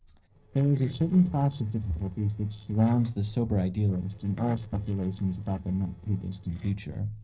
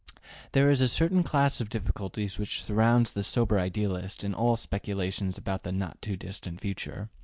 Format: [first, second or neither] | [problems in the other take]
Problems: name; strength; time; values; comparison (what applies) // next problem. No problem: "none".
second | noise reduction (neural separator model SepFormer DNS4)